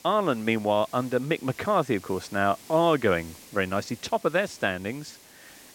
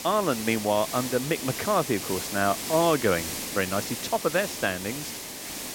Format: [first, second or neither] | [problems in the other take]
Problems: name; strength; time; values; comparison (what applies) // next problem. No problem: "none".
first | hiss; loud; throughout; 6 dB below the speech; faint in the first